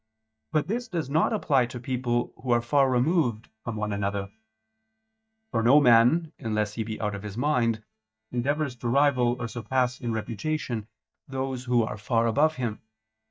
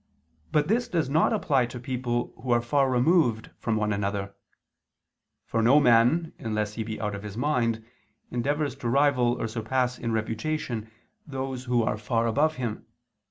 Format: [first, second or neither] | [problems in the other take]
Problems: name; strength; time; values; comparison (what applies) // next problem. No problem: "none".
second | noise reduction (neural mask model DeepFilterNet 3)